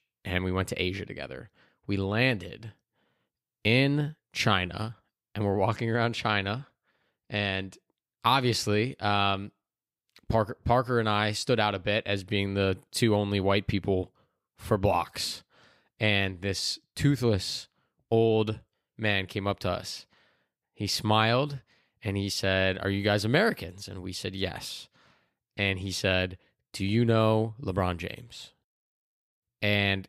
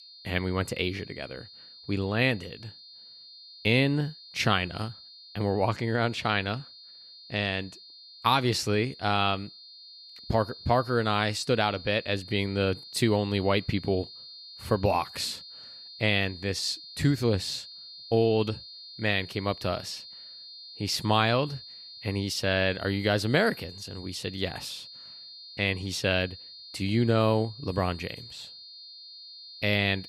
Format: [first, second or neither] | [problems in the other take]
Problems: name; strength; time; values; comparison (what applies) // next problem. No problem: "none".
first | high-pitched whine; noticeable; throughout; 4 kHz, 15 dB below the speech